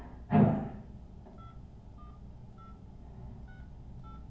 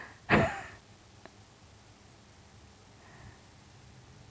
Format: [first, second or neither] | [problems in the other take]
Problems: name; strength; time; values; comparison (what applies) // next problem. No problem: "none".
second | background sound (Telephone); 13 dB below the speech // room echo; dies away in 0.9 s